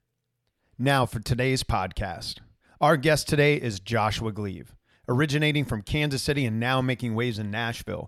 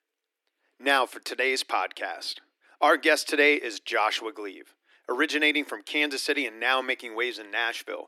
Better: first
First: none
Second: thin; somewhat; fading below 300 Hz

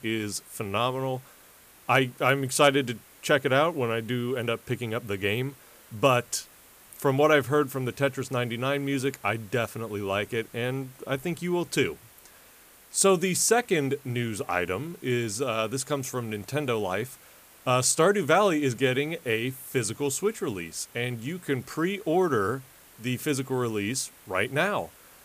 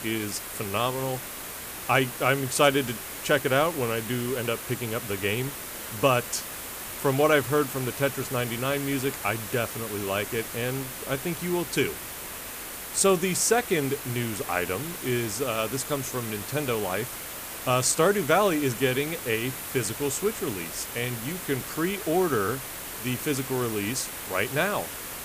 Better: first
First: hiss; faint; throughout; 25 dB below the speech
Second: hiss; loud; throughout; 7 dB below the speech

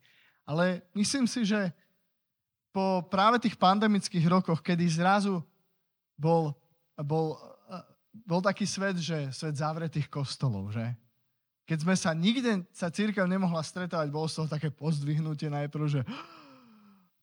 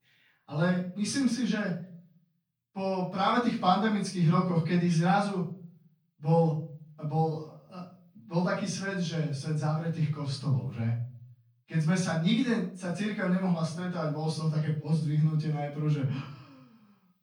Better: first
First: none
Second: room echo; noticeable; dies away in 0.4 s // off-mic speech; far

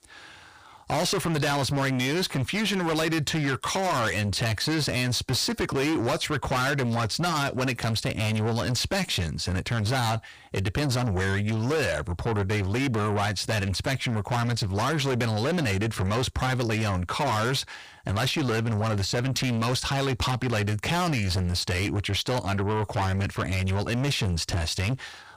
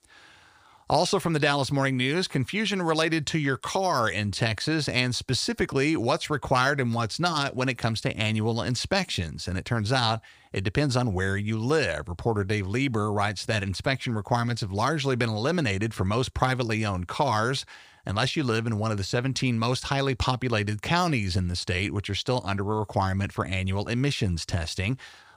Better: second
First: distortion; heavy; 7 dB below the speech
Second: none

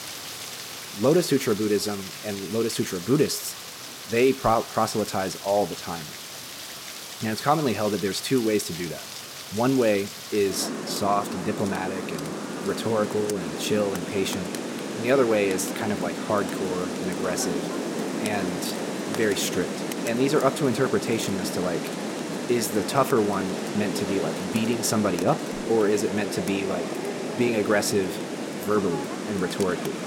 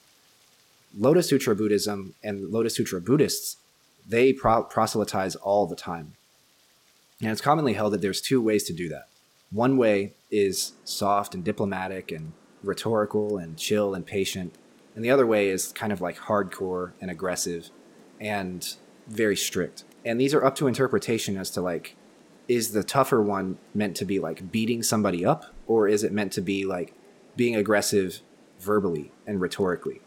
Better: second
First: rain or running water; loud; throughout; 6 dB below the speech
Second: rain or running water; faint; throughout; 30 dB below the speech

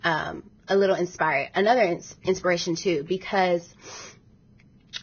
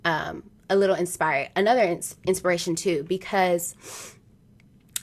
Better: second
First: garbled, watery; badly; nothing above 6.5 kHz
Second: garbled, watery; slightly; nothing above 13 kHz

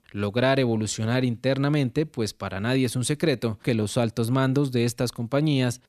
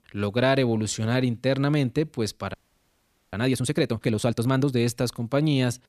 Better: first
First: none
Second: audio freezing; at 2.5 s for 1 s

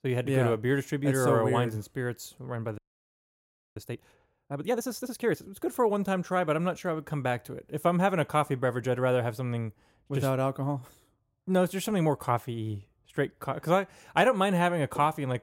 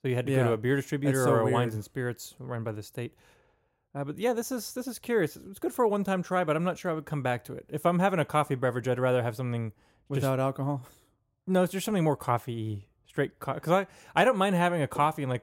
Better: second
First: audio freezing; at 3 s for 1 s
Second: none

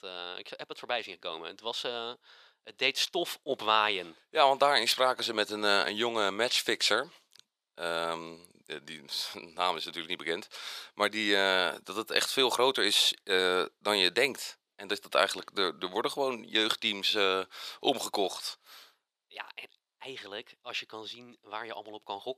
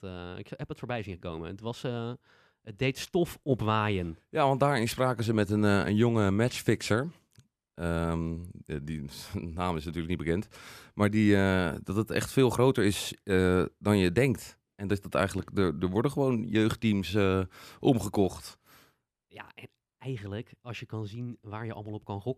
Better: second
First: thin; very; fading below 650 Hz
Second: none

